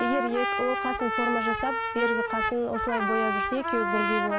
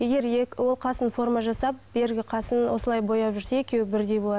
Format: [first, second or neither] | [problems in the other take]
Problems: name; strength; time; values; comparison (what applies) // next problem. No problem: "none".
second | background sound (Trumpet); 1 dB above the speech